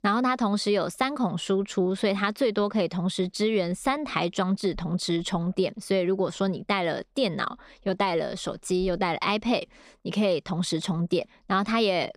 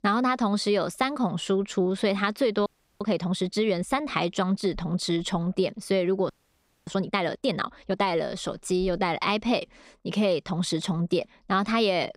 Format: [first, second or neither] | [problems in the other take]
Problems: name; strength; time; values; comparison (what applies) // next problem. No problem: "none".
first | audio freezing; at 2.5 s and at 6.5 s for 0.5 s